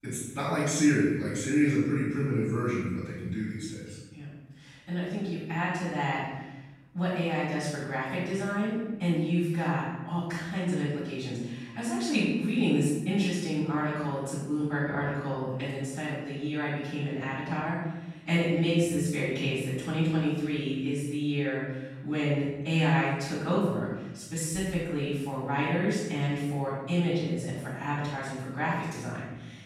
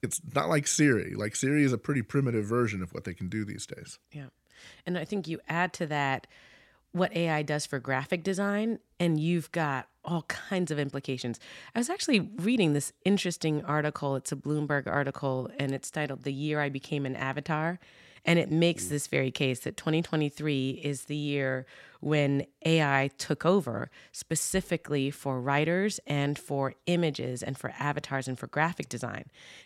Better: second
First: off-mic speech; far // room echo; strong; dies away in 1 s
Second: none

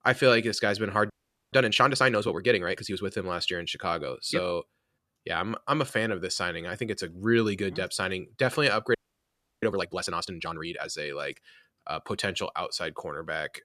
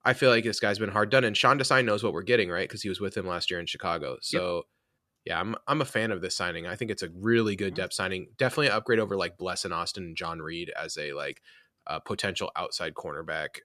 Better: second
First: audio freezing; at 1 s and at 9 s for 0.5 s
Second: none

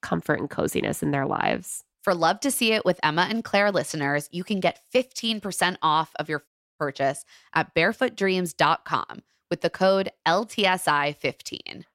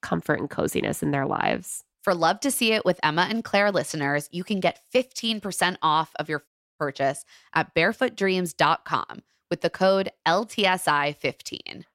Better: neither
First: audio cutting out; at 6.5 s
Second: audio cutting out; at 6.5 s

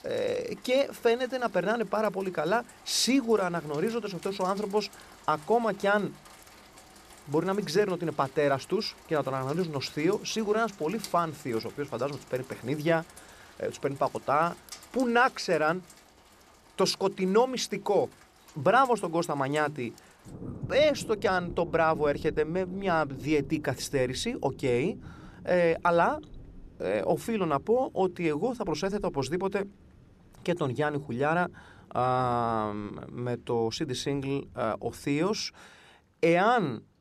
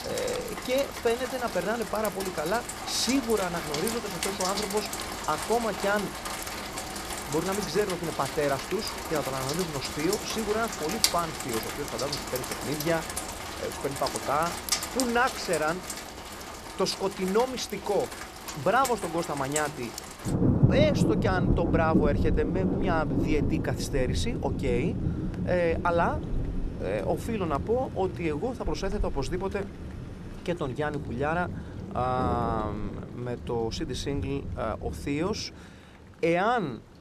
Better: first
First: rain or running water; faint; throughout; 20 dB below the speech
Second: rain or running water; loud; throughout; 2 dB below the speech

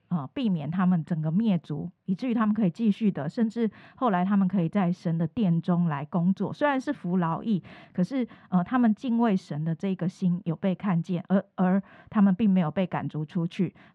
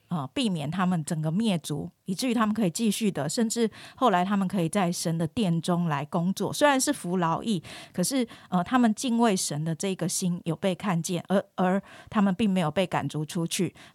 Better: second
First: muffled; very; fading above 2 kHz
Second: none

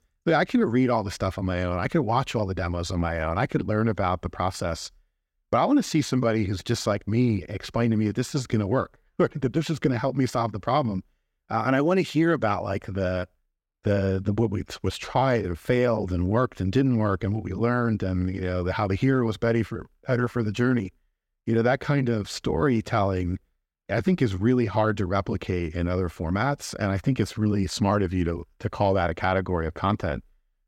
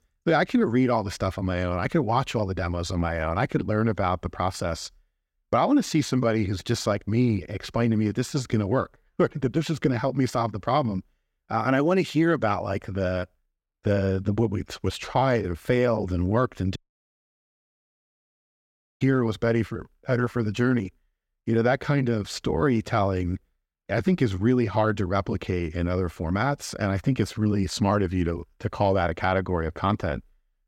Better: first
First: none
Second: audio cutting out; at 17 s for 2.5 s

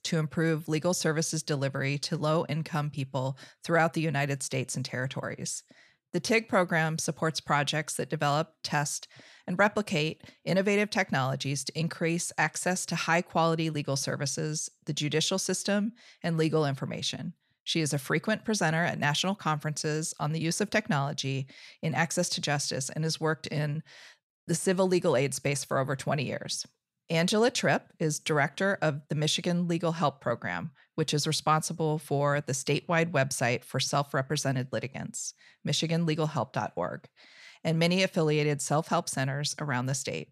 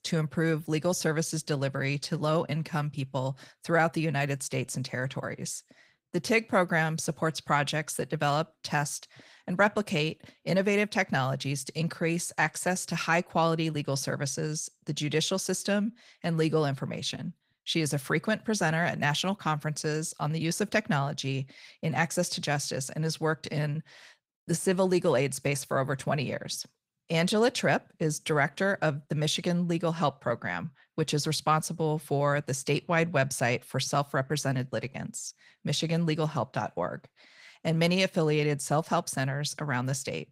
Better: first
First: none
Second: garbled, watery; slightly; nothing above 15.5 kHz

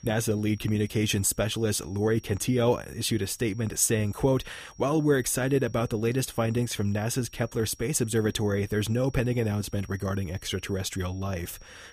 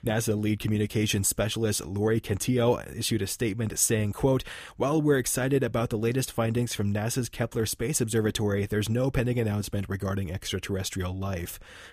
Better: second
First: high-pitched whine; faint; throughout; 5.5 kHz, 25 dB below the speech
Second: none

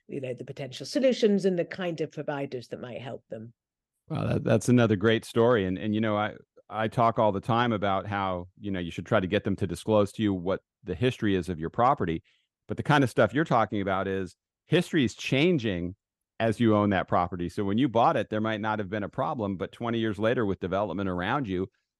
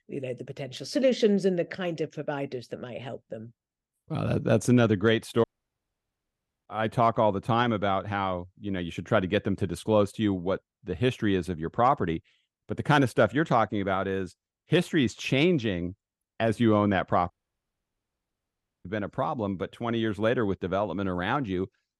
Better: first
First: none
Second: audio cutting out; at 5.5 s for 1 s and at 17 s for 1.5 s

